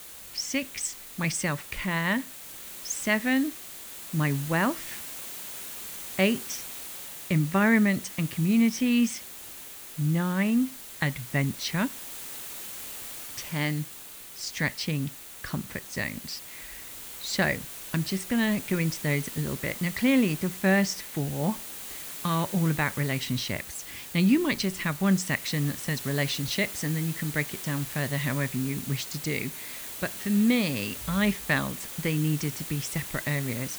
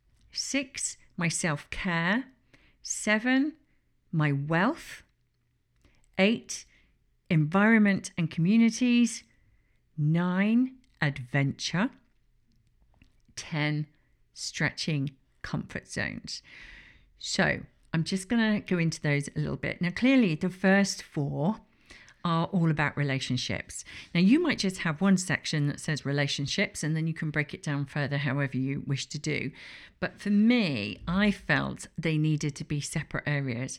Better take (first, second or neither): second